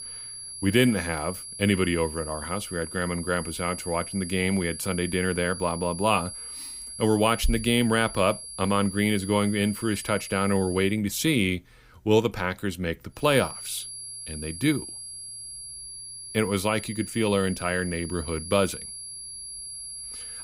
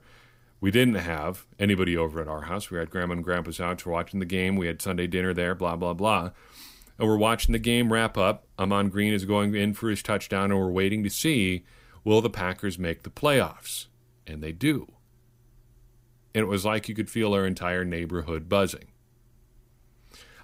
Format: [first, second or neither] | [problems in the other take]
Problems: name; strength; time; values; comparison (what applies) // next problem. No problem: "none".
second | high-pitched whine; noticeable; until 11 s and from 13 s on; 10.5 kHz, 10 dB below the speech